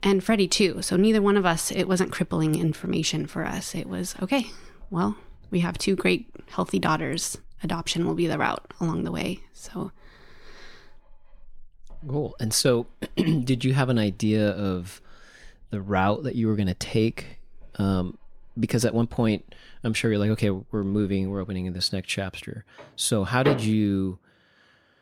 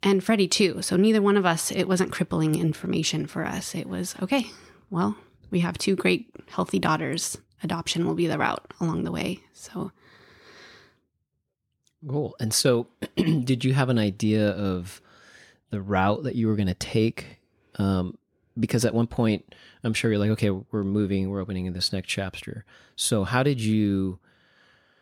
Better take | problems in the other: second | household noises; noticeable; throughout; 10 dB below the speech

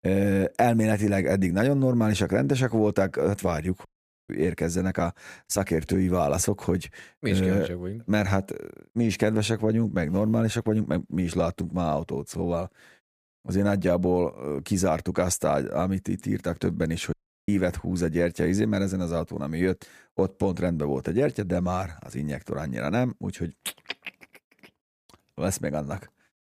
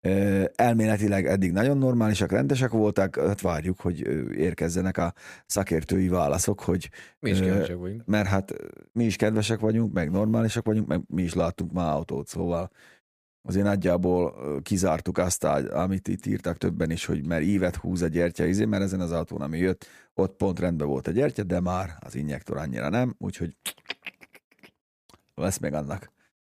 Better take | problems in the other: second | audio cutting out; at 4 s and at 17 s

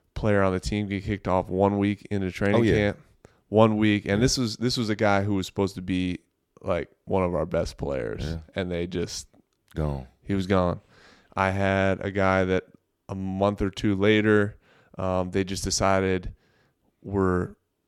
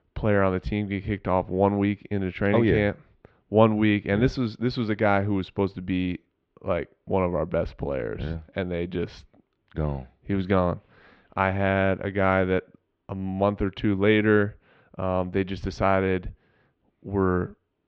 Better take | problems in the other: first | muffled; slightly; fading above 3.5 kHz

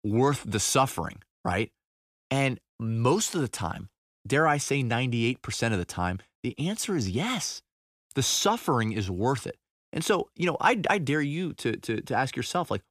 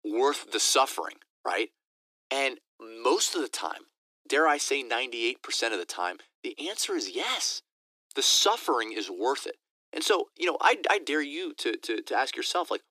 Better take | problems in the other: first | thin; very; fading below 300 Hz

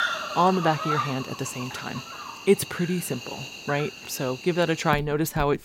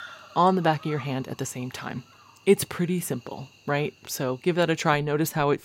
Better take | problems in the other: second | animal sounds; loud; throughout; 8 dB below the speech; faint in the second

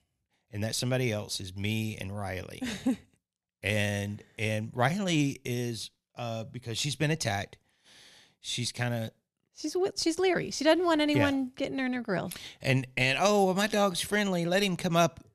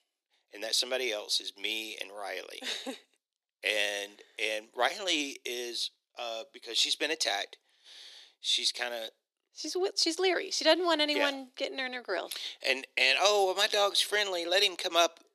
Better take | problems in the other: first | thin; very; fading below 350 Hz

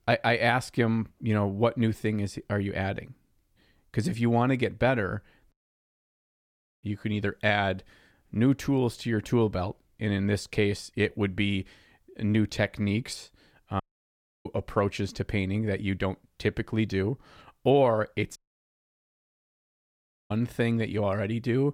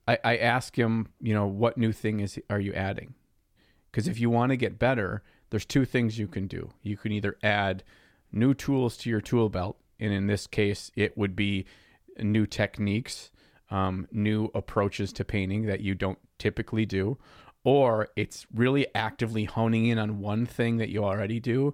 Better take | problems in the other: second | audio cutting out; at 5.5 s for 1.5 s, at 14 s for 0.5 s and at 18 s for 2 s

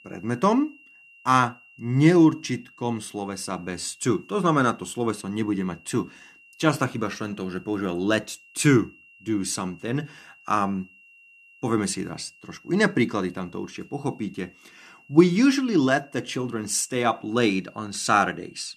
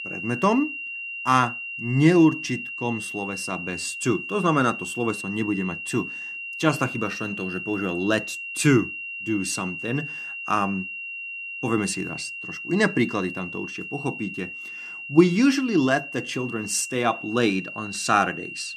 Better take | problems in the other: first | high-pitched whine; loud; throughout; 3 kHz, 8 dB below the speech; faint in the first

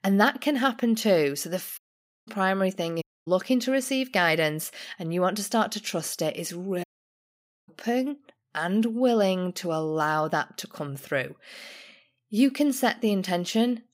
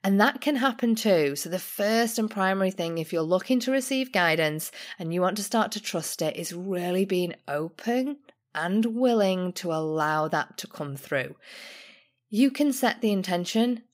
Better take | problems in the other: second | audio cutting out; at 2 s, at 3 s and at 7 s for 1 s

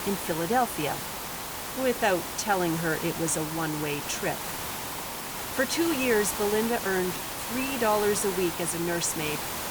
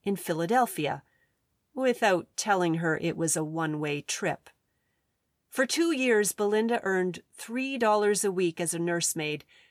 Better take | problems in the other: second | hiss; loud; throughout; 4 dB below the speech

